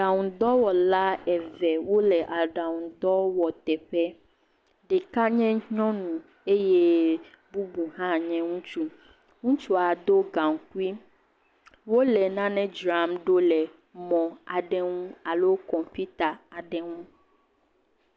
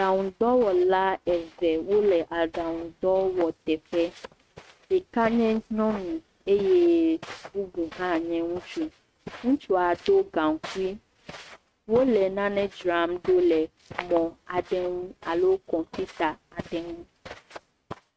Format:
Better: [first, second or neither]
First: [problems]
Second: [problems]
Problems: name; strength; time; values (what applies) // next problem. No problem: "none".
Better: first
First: none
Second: noise reduction (neural mask model RNNoise)